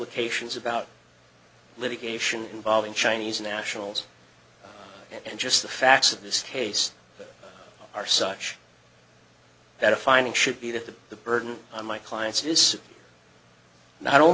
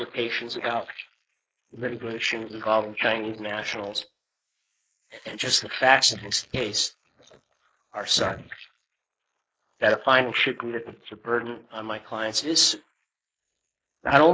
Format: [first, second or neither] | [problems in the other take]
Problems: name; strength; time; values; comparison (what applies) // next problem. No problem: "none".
first | noise reduction (neural mask model Resemble Enhance denoiser)